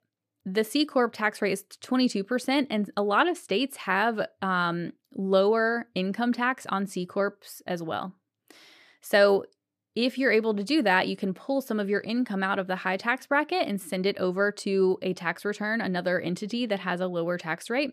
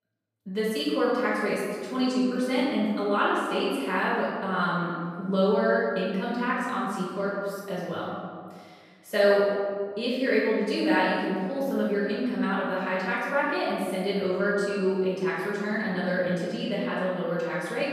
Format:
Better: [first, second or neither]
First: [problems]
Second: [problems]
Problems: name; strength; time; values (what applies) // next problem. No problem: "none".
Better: first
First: none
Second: room echo; strong; dies away in 1.6 s // off-mic speech; far